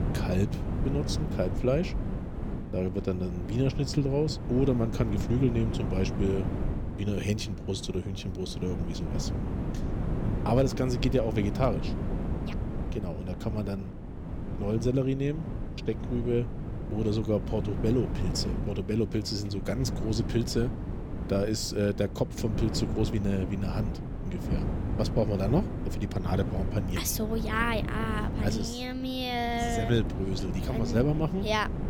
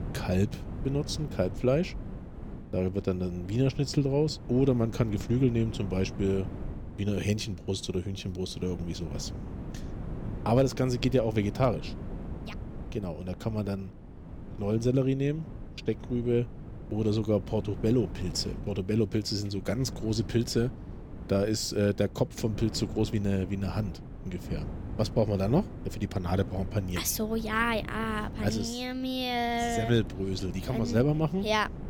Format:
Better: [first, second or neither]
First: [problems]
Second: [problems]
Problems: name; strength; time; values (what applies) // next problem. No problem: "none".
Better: second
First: wind noise on the microphone; heavy; 9 dB below the speech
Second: wind noise on the microphone; occasional gusts; 15 dB below the speech